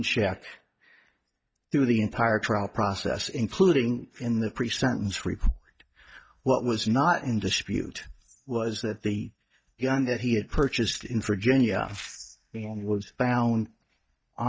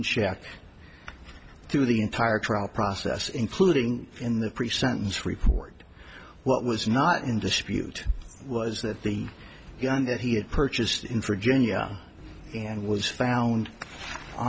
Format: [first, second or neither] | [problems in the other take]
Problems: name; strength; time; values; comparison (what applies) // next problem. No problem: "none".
second | noise reduction (neural mask model DeepFilterNet 3)